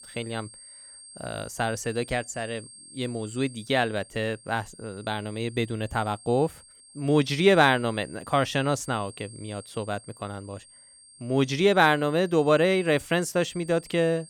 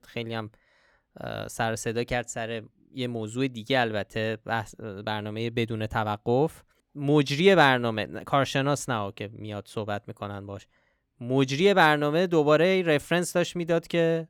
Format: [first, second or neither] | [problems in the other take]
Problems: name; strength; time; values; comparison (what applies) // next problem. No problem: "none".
second | high-pitched whine; faint; throughout; 8.5 kHz, 20 dB below the speech